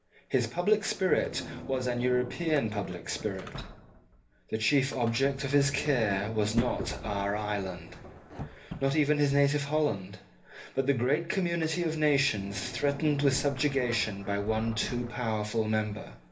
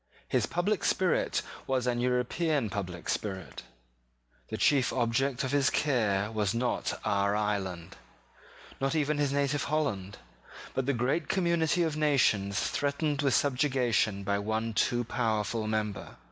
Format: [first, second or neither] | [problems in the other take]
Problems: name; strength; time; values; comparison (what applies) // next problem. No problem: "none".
second | background sound (Sliding door); 13 dB below the speech // room echo; dies away in 0.3 s